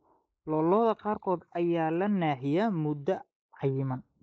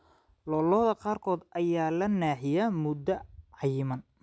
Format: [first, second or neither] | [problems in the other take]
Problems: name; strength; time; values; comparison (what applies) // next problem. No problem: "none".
second | noise reduction (neural mask model Resemble Enhance denoiser)